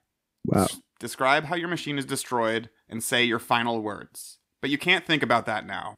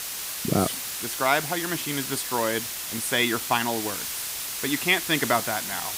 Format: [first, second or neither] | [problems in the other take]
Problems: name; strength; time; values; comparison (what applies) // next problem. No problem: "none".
first | hiss; loud; throughout; 3 dB below the speech